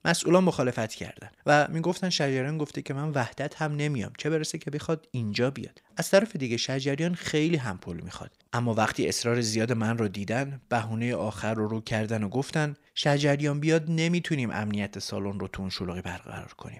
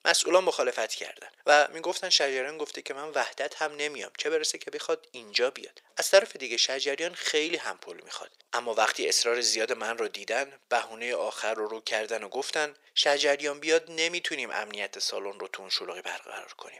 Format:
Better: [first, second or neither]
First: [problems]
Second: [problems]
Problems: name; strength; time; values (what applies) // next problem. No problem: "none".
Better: first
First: none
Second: thin; very; fading below 450 Hz